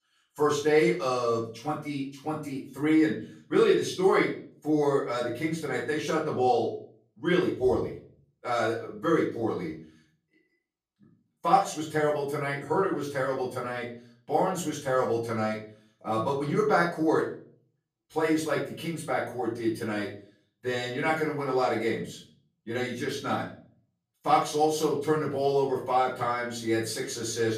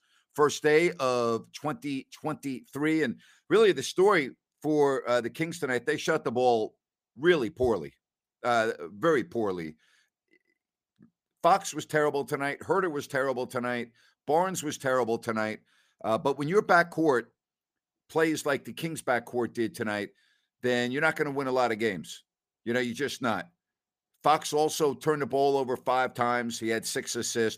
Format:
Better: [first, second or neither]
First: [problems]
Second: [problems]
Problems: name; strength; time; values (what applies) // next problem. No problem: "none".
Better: second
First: off-mic speech; far // room echo; noticeable; dies away in 0.4 s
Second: none